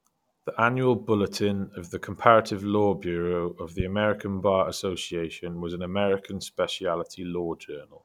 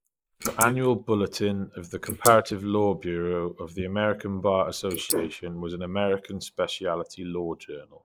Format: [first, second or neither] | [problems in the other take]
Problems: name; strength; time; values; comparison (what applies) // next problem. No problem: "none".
first | noise reduction (neural mask model Resemble Enhance denoiser)